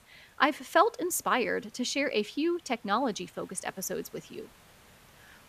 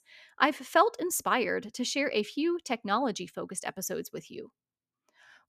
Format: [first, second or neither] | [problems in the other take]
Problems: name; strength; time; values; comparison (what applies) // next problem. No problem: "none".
second | hiss; faint; throughout; 30 dB below the speech